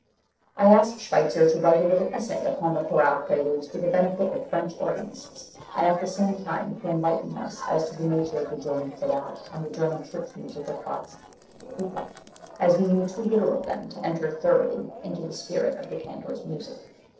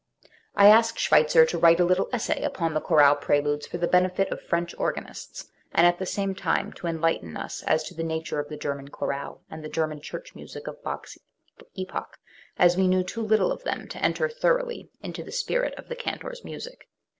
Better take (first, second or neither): second